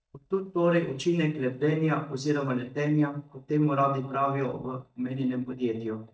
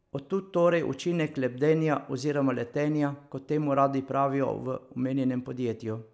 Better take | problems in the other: second | noise reduction (neural mask model DeepFilterNet 3)

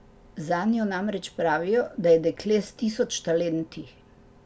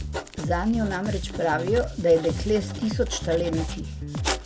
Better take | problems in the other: first | background sound (Bass guitar + Writing); 5 dB below the speech

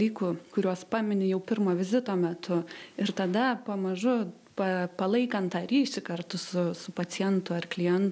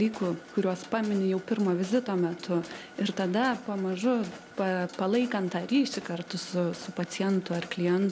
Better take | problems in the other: first | background sound (Mechanisms); 18 dB below the speech

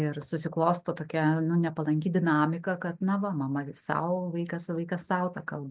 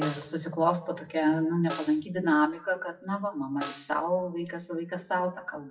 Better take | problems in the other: first | noise reduction (classical method WPE with log-MMSE)

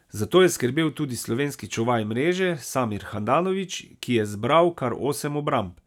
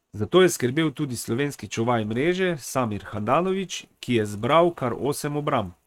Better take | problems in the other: first | noise reduction (neural mask model RNNoise)

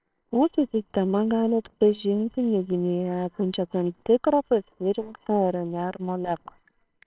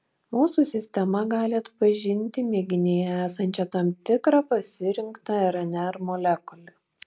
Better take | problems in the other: second | noise reduction (neural separator model SepFormer WHAMR!)

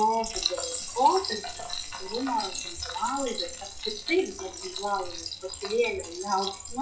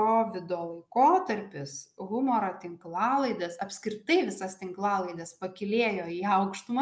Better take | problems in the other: second | noise reduction (classical method WPE with log-MMSE)

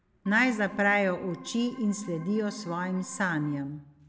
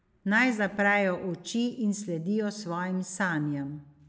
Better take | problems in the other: second | background sound (Organ); 18 dB below the speech

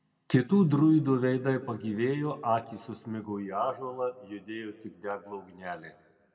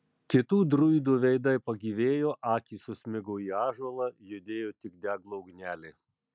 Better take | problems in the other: second | room echo; dies away in 1.1 s

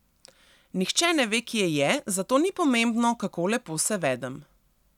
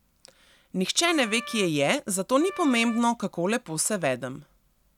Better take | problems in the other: first | background sound (Wind instrument, woodwind instrument); 16 dB below the speech

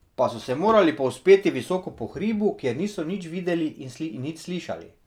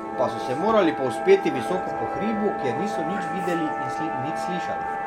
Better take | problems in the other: first | background sound (Musical instrument + Wind instrument, woodwind instrument); 2 dB below the speech

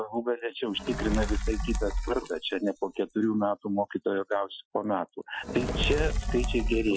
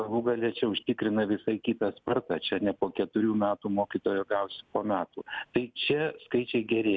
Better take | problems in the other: second | noise reduction (classical method Wiener filter)

